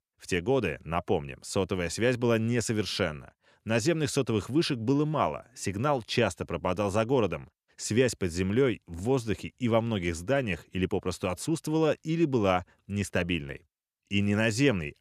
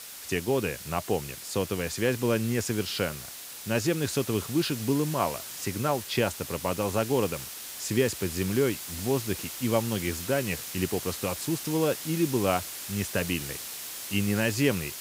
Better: first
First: none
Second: hiss; loud; throughout; 8 dB below the speech

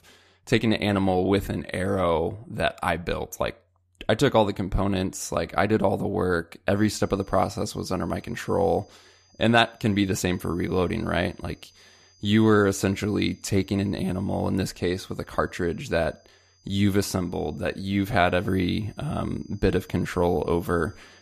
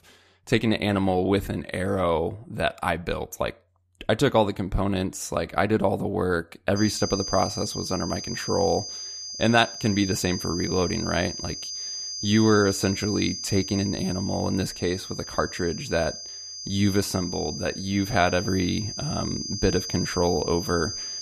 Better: first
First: high-pitched whine; faint; from 7 s on; 5 kHz, 35 dB below the speech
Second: high-pitched whine; loud; from 7 s on; 5 kHz, 7 dB below the speech

